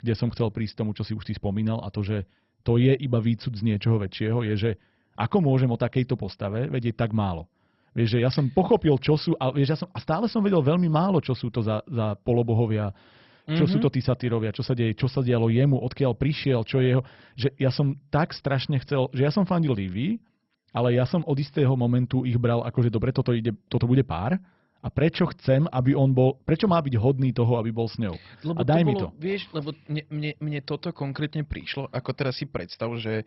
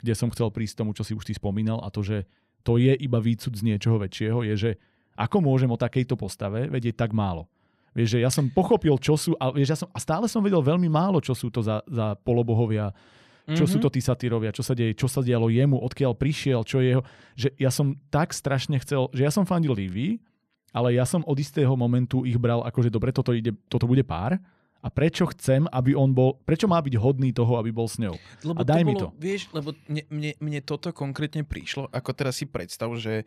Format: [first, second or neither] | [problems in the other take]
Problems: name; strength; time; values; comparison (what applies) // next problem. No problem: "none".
second | garbled, watery; badly; nothing above 5.5 kHz